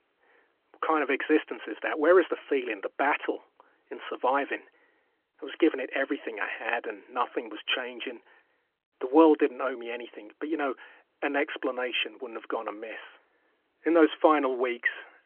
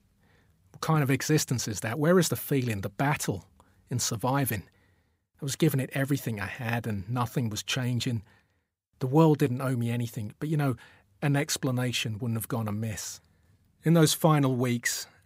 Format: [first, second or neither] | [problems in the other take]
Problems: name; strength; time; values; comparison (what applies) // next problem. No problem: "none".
second | phone-call audio; nothing above 3 kHz